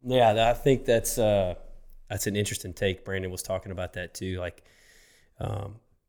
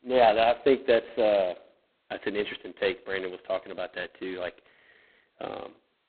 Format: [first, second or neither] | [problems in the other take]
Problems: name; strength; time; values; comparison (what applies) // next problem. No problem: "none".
first | phone-call audio; poor line; nothing above 4 kHz